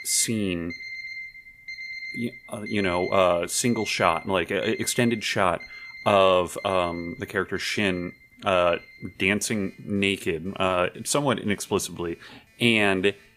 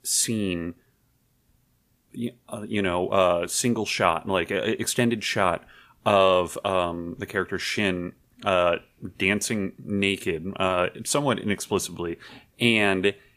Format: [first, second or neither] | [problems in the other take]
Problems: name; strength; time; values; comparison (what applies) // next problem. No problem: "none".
second | alarms or sirens; noticeable; throughout; 15 dB below the speech